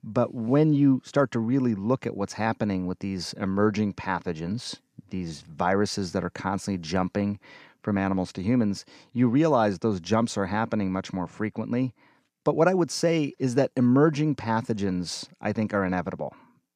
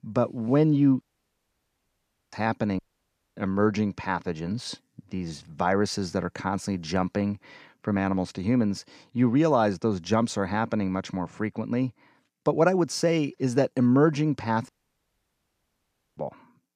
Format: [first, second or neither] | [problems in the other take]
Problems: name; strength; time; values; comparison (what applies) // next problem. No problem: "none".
first | audio cutting out; at 1 s for 1.5 s, at 3 s for 0.5 s and at 15 s for 1.5 s